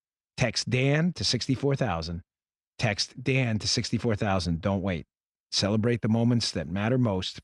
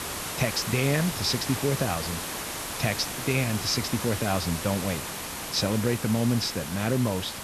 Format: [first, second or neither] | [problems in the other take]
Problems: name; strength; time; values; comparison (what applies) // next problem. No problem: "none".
first | hiss; loud; throughout; 5 dB below the speech